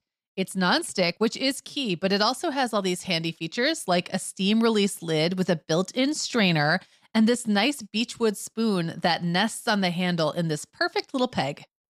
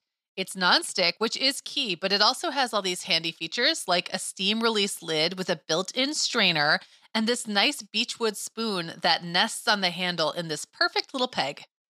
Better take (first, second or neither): first